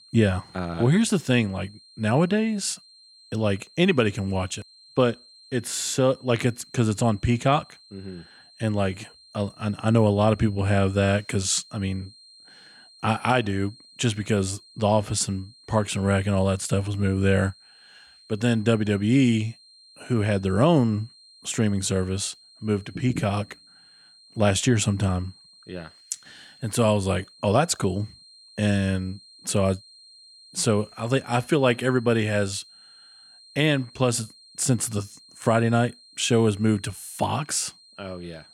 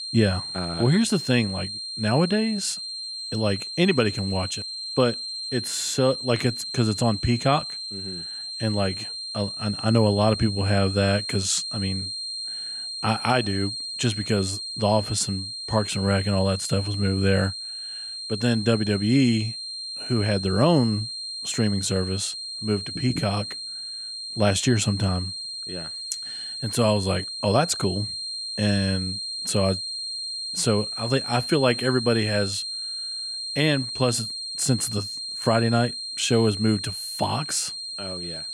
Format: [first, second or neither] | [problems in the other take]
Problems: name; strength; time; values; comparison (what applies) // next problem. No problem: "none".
first | high-pitched whine; loud; throughout; 4 kHz, 6 dB below the speech; faint in the first